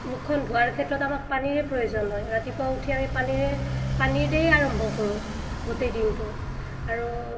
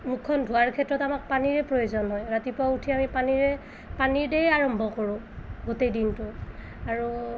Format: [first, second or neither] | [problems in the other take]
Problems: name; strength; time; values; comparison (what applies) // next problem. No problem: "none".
second | background sound (Motorcycle); 6 dB below the speech // room echo; dies away in 1.8 s